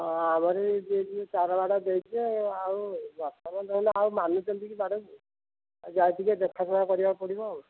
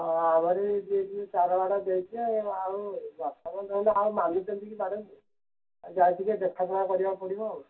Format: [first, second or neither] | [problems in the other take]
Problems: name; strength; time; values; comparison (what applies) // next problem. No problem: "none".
first | room echo; dies away in 0.2 s